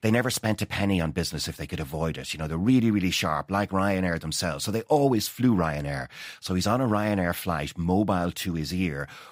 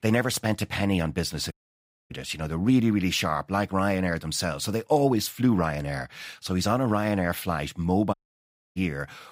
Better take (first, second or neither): first